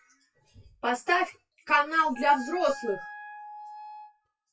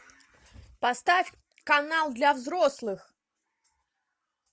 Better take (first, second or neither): second